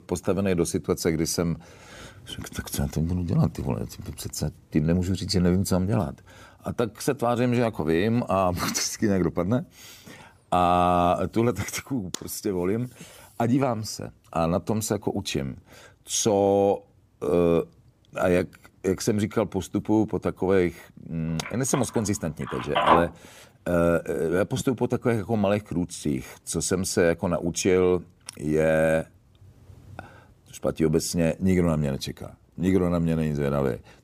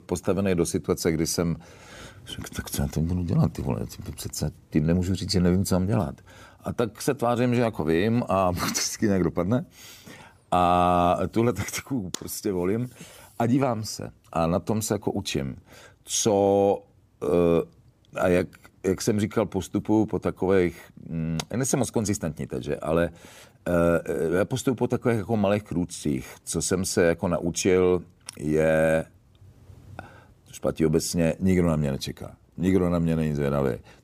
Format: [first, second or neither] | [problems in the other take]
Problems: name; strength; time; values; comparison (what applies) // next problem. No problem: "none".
second | phone ringing; loud; from 22 to 25 s; peak 4 dB above the speech